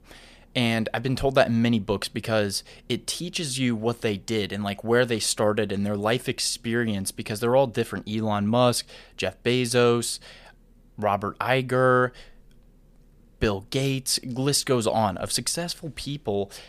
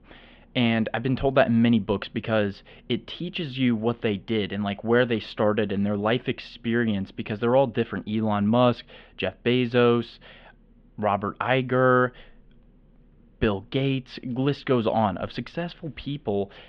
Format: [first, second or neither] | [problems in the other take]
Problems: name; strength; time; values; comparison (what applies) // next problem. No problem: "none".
first | muffled; very; fading above 3.5 kHz